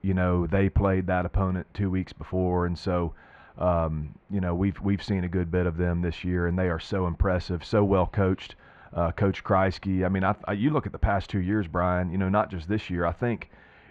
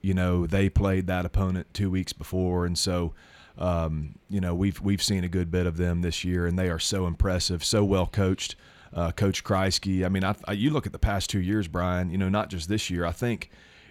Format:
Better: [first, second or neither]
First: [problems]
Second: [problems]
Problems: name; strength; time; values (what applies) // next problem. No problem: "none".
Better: second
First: muffled; very; fading above 2 kHz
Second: none